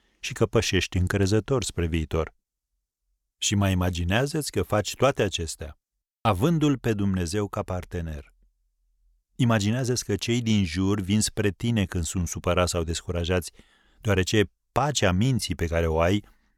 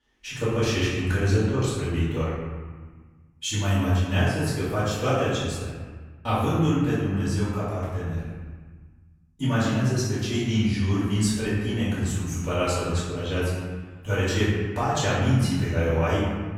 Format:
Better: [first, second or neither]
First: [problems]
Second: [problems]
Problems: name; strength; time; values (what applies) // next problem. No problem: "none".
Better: first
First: none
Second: off-mic speech; far // room echo; strong; dies away in 1.5 s